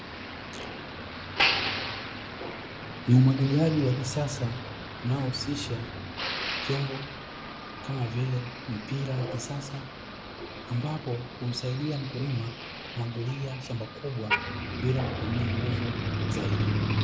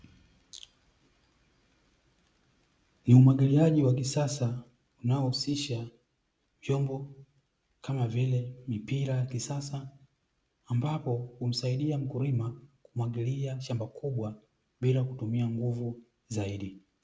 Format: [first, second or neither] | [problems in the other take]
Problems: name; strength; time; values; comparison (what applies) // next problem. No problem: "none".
second | background sound (Motor vehicle (road)); 3 dB below the speech